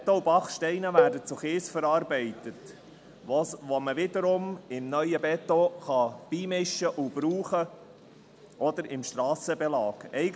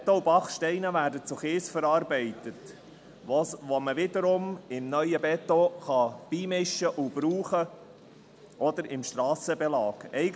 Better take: second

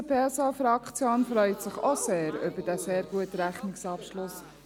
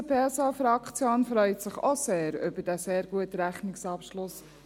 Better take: second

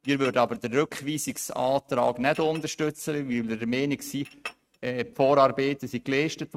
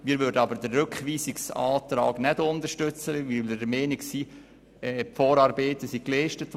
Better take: second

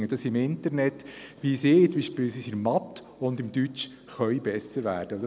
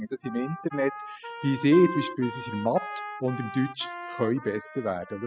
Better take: first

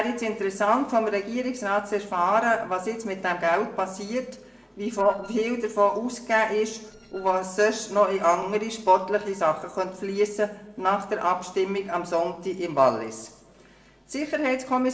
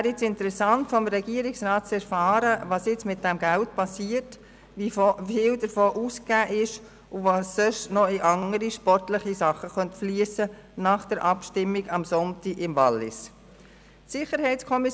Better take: second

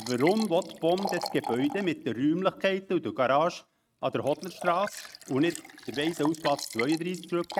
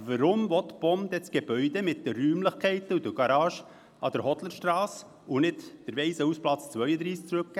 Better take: second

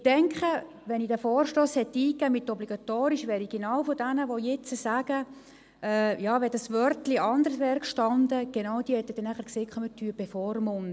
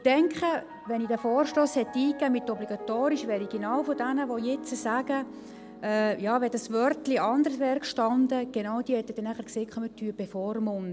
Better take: first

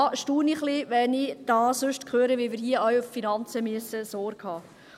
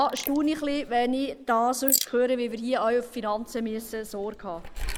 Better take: first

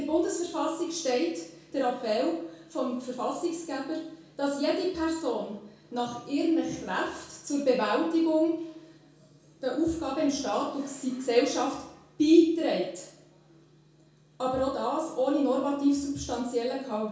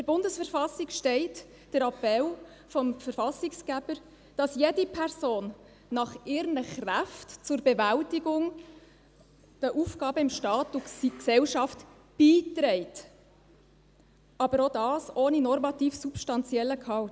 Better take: second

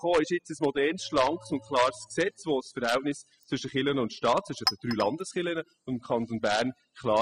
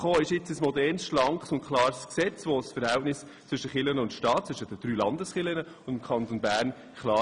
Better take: second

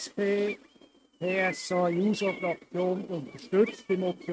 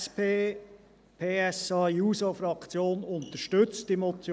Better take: second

